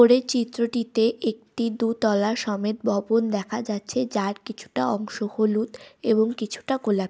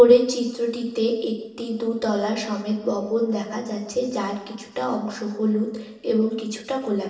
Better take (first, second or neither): first